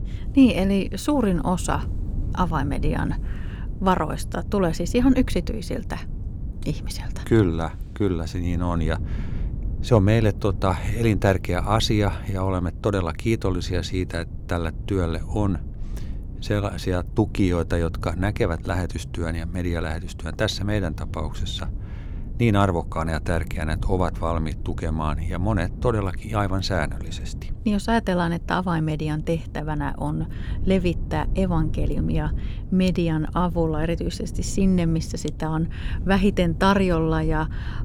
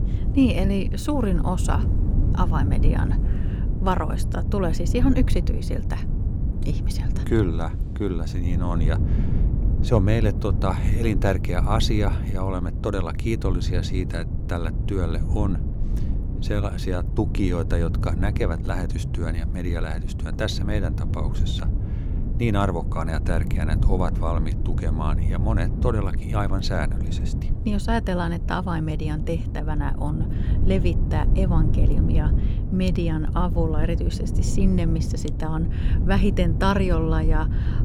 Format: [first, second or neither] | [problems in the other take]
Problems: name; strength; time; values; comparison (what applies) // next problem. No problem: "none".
first | wind noise on the microphone; heavy; 9 dB below the speech; occasional gusts in the first